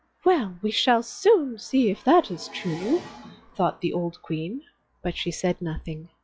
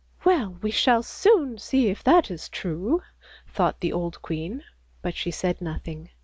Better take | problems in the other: second | noise reduction (classical method log-MMSE)

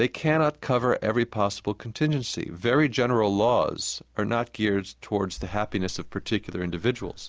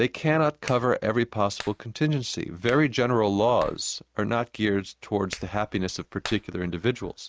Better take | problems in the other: first | noise reduction (neural mask model RNNoise)

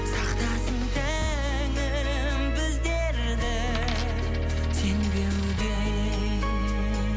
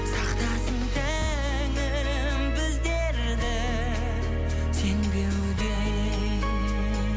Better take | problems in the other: second | background sound (Coin (dropping)); 16 dB below the speech

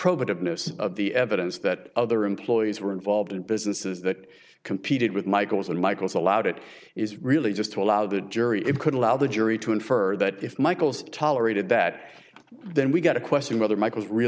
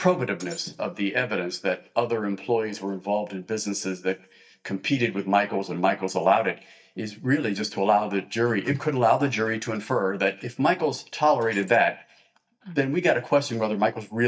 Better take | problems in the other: first | noise reduction (neural mask model DeepFilterNet 3)

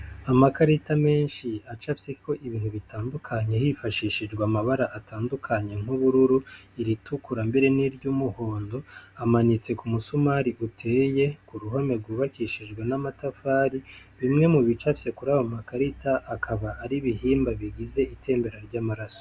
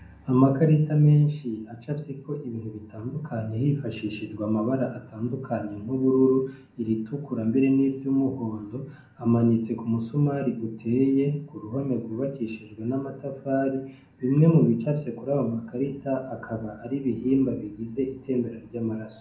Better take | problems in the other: first | room echo; dies away in 0.6 s

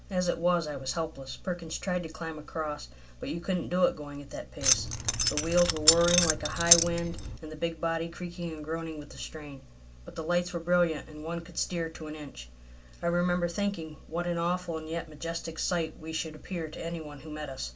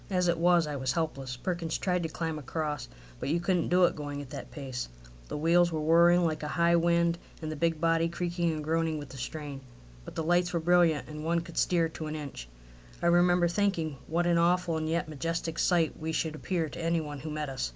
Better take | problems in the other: second | background sound (Keys jangling); 4 dB above the speech // room echo; dies away in 0.2 s

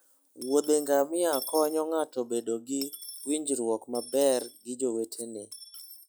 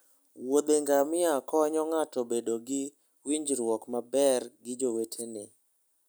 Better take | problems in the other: second | noise reduction (classical method log-MMSE)

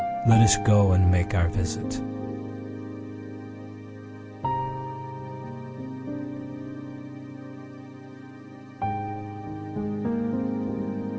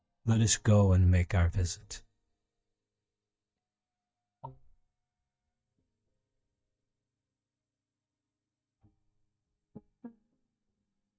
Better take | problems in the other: first | noise reduction (neural mask model DeepFilterNet 3)

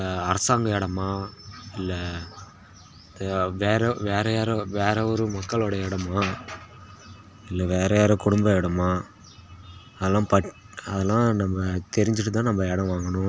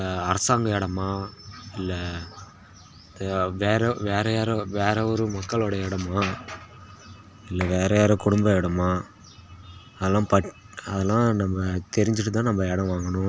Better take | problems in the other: first | background sound (Clapping); 16 dB below the speech

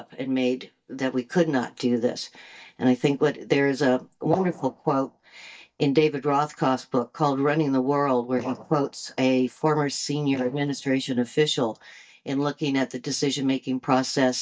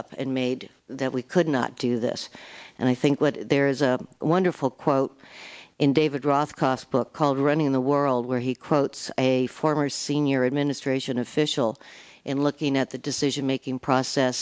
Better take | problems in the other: second | noise reduction (neural mask model DeepFilterNet 3)

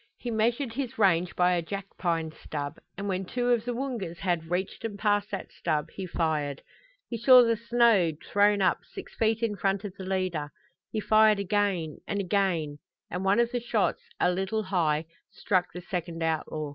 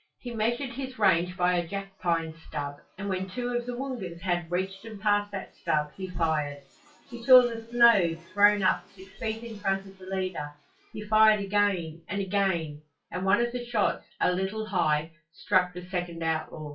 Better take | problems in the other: first | noise reduction (classical method WPE with log-MMSE)

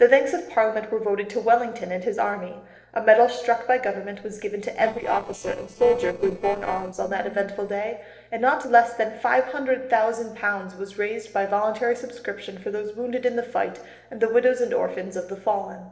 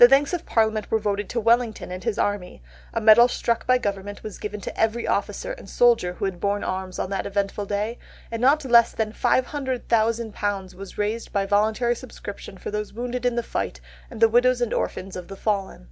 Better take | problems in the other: second | noise reduction (neural separator model SepFormer DNS4)

